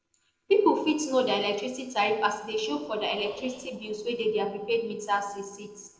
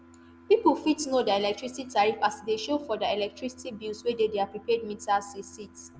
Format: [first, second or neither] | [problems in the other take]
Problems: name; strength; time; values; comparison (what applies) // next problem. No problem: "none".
second | noise reduction (neural separator model SepFormer DNS4)